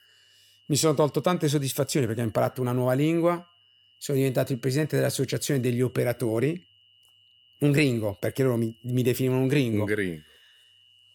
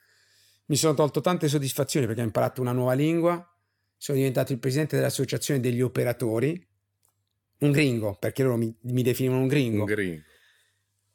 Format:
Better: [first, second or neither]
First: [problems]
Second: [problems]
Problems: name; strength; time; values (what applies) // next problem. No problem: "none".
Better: second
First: high-pitched whine; faint; throughout; 3 kHz, 30 dB below the speech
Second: none